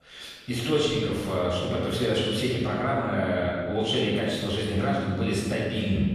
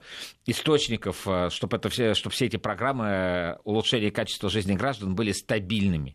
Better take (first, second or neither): second